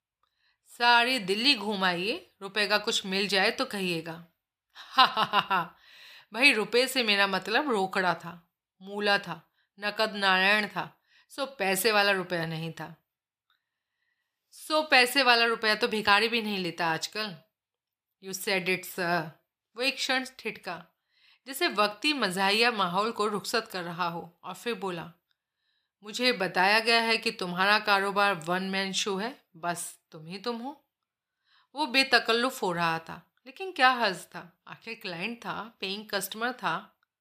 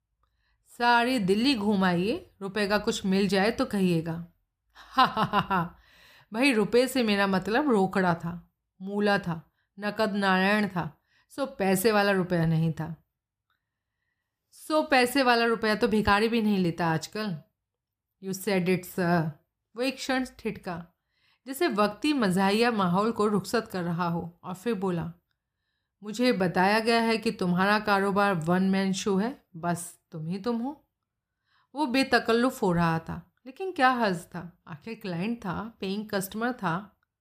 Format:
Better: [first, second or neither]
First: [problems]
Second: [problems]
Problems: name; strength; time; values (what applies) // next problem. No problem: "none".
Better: second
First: thin; somewhat; fading below 650 Hz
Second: none